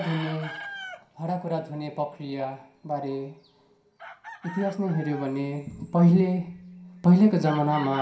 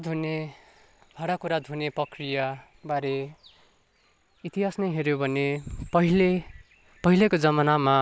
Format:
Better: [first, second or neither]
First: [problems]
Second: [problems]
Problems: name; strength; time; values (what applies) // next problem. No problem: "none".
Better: second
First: background sound (Chicken, rooster); 18 dB below the speech // room echo; dies away in 0.5 s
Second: none